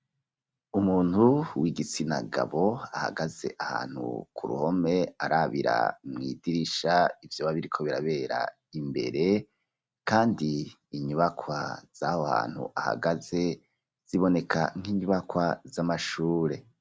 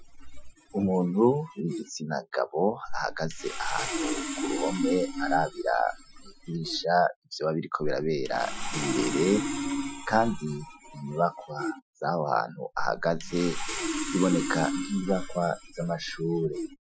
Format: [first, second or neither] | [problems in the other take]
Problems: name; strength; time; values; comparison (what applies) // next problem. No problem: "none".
first | noise reduction (classical method Wiener filter)